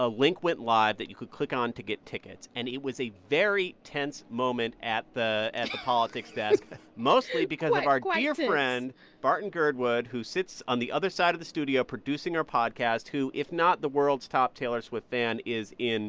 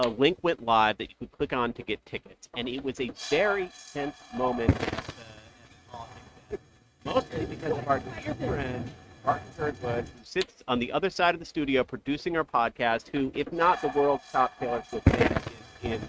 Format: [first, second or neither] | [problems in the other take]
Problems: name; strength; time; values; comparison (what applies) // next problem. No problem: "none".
first | noise reduction (neural mask model RNNoise)